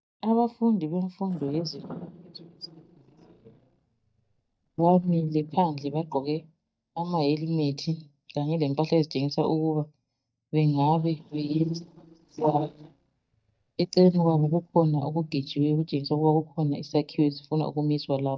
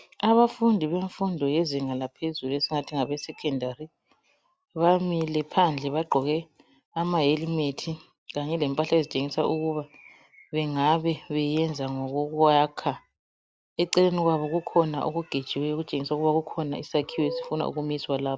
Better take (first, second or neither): second